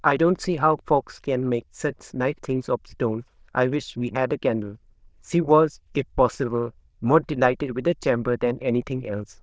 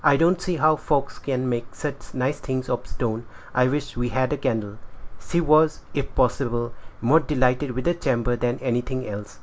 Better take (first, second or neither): second